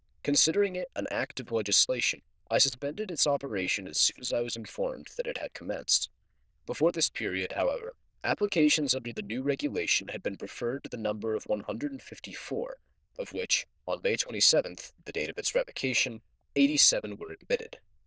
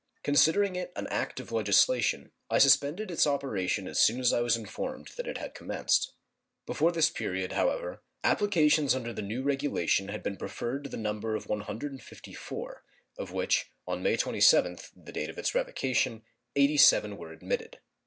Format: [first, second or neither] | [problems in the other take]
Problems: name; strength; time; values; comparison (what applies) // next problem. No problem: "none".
second | noise reduction (neural diffusion model UNIVERSE++)